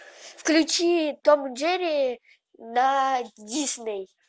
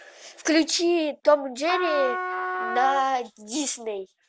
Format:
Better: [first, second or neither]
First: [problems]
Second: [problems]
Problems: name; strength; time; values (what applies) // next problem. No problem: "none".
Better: first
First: none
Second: background sound (Trumpet); 5 dB below the speech